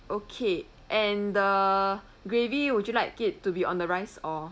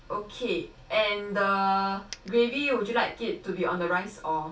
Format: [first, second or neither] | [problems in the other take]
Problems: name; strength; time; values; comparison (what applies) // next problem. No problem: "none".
first | background sound (Coin (dropping)); 19 dB below the speech // room echo; dies away in 0.2 s